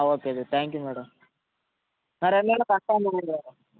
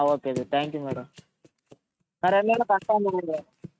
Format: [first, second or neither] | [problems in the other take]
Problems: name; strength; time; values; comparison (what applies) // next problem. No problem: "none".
first | noise reduction (neural mask model RNNoise)